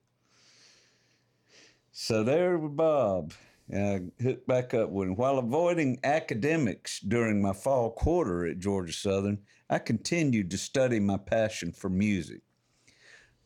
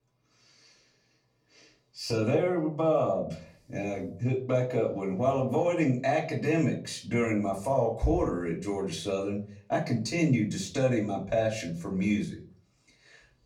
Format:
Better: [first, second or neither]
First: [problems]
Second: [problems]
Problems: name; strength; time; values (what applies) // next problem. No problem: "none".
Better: first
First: none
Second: off-mic speech; far // room echo; very slight; dies away in 0.4 s